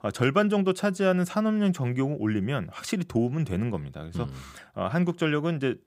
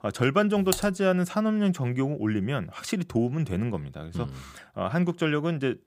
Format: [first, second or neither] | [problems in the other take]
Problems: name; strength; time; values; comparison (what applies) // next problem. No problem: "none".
first | keyboard typing; noticeable; at 0.5 s; peak 5 dB below the speech